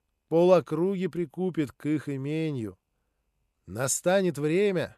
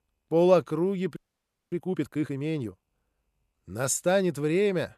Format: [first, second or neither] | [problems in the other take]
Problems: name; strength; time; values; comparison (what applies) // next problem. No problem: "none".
first | audio freezing; at 1 s for 0.5 s